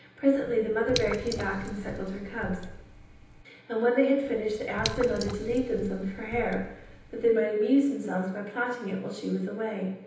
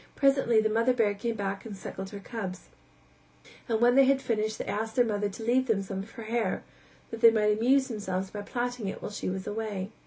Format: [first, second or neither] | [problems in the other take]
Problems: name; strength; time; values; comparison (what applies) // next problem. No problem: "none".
second | background sound (Drip / Water); 11 dB below the speech // room echo; dies away in 0.9 s